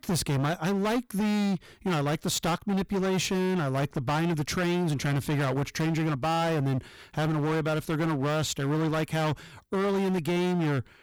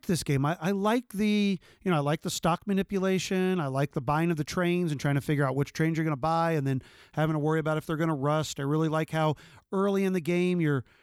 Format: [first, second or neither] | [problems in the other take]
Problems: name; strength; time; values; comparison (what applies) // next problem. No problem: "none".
second | distortion; heavy; 29% of the sound clipped